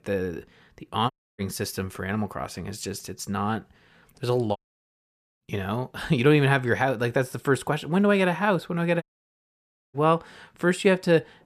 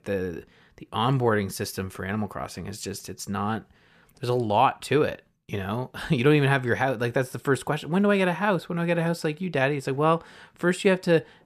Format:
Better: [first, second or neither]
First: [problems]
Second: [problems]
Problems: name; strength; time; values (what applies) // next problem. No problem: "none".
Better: second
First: audio cutting out; at 1 s, at 4.5 s for 1 s and at 9 s for 1 s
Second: none